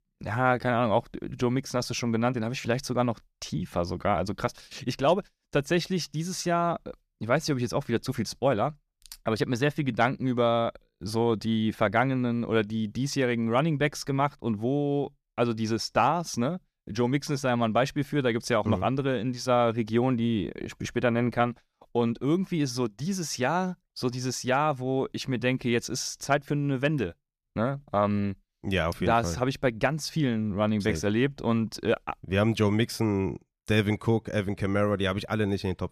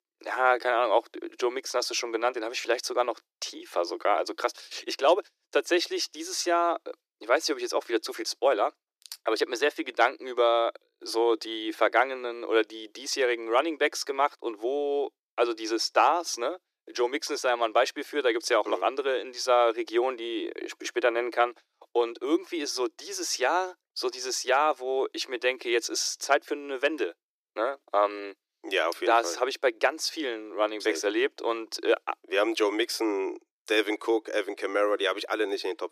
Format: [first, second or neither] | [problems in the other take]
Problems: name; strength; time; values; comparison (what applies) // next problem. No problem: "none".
first | thin; very; fading below 300 Hz